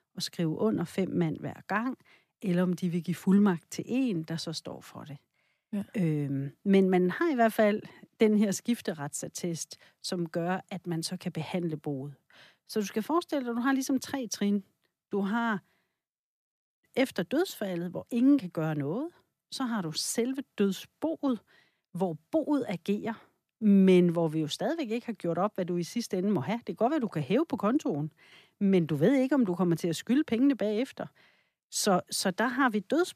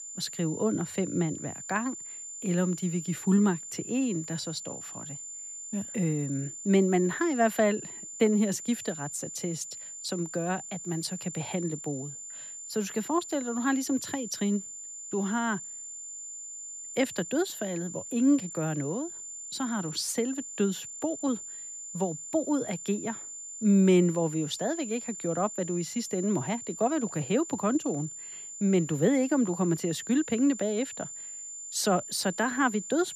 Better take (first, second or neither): first